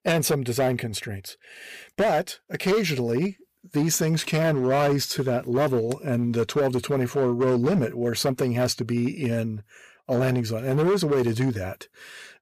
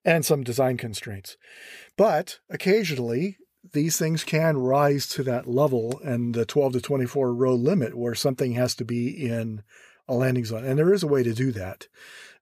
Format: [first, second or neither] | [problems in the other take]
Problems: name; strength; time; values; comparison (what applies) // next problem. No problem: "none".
second | distortion; slight; 10% of the sound clipped